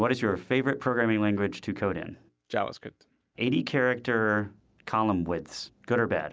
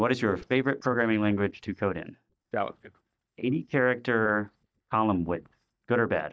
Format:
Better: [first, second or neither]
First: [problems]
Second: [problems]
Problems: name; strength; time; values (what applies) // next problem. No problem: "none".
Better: first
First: none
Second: noise reduction (neural mask model DeepFilterNet 3)